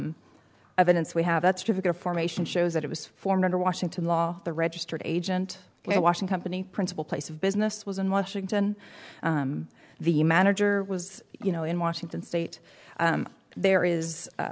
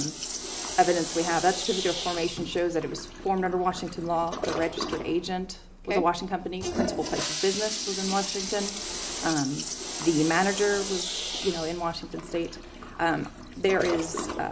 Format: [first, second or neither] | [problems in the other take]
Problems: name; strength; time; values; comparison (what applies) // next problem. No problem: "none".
first | background sound (Toilet flush); 6 dB below the speech // room echo; dies away in 0.5 s